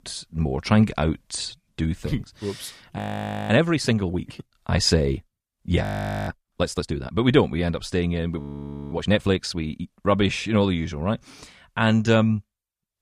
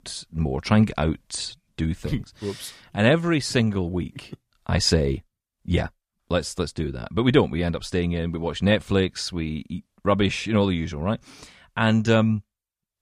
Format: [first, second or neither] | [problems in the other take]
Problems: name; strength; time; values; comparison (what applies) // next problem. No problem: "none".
second | audio freezing; at 3 s for 0.5 s, at 6 s and at 8.5 s for 0.5 s